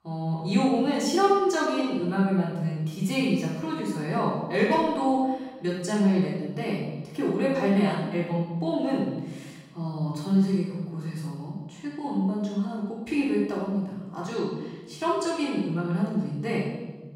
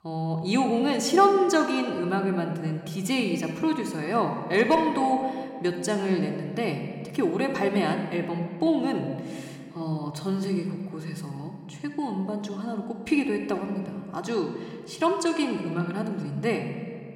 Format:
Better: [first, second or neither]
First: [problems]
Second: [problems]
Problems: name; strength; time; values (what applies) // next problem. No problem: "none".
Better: second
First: room echo; strong; dies away in 1 s // off-mic speech; far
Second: room echo; slight; dies away in 1.6 s